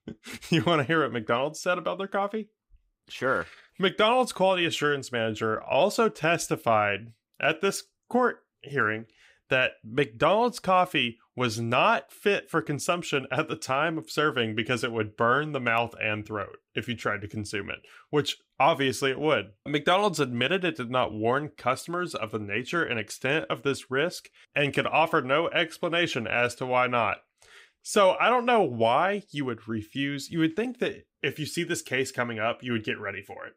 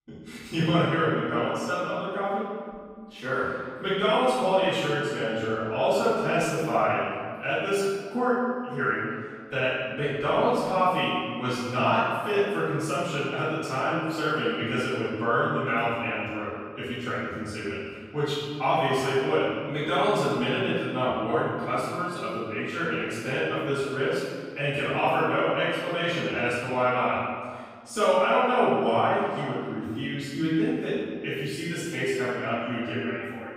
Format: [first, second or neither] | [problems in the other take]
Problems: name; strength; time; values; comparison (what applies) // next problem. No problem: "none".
first | off-mic speech; far // room echo; strong; dies away in 1.6 s